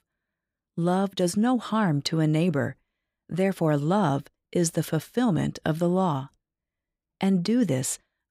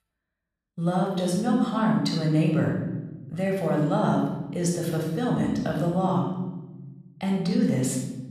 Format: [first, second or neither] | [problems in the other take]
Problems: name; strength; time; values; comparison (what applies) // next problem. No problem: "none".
first | off-mic speech; somewhat distant // room echo; noticeable; dies away in 1.1 s